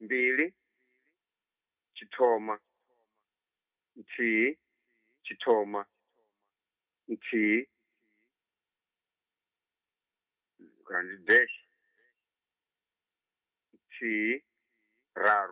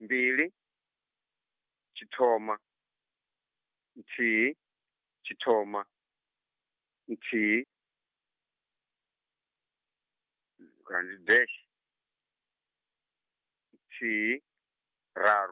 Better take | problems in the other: second | room echo; dies away in 0.3 s

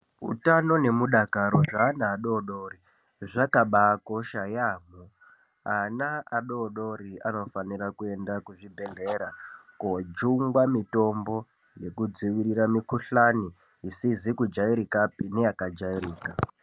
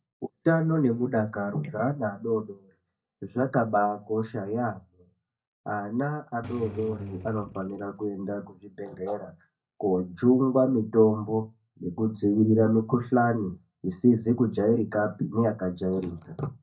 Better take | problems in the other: first | noise reduction (neural mask model DeepFilterNet 3)

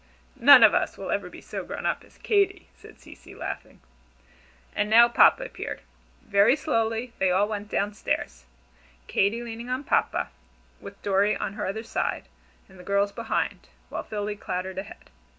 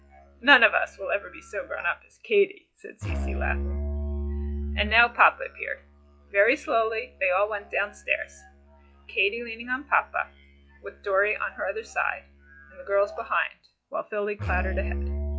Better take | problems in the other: first | noise reduction (classical method log-MMSE)

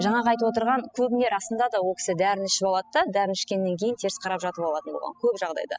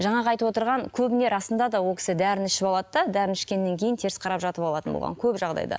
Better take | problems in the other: second | noise reduction (classical method spectral subtraction)

